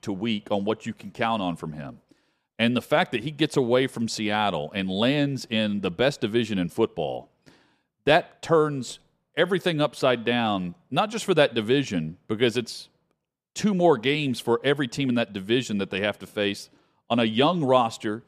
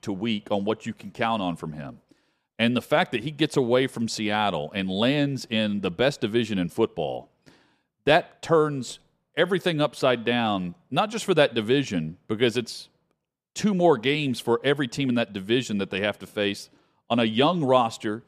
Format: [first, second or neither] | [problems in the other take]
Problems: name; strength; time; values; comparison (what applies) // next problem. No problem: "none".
neither | none